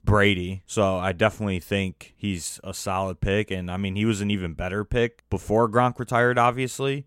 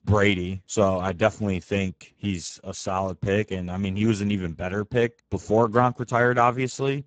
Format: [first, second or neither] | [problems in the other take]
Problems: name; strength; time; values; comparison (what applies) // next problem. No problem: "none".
first | garbled, watery; badly; nothing above 7.5 kHz